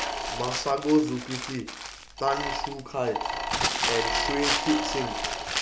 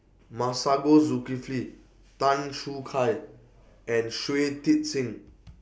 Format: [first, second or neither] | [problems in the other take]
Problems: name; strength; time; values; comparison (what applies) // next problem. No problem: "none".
second | background sound (Mechanisms + Crumpling, crinkling); 1 dB below the speech